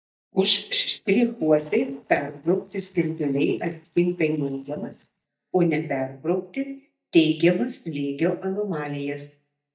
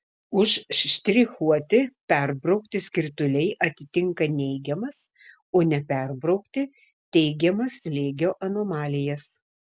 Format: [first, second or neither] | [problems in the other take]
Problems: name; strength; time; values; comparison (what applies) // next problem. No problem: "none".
second | noise reduction (neural mask model DeepFilterNet 3)